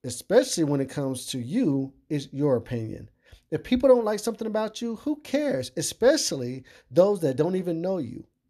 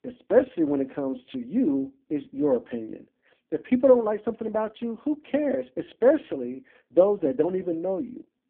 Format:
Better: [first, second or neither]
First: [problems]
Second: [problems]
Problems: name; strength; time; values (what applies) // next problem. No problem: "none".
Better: first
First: none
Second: phone-call audio; poor line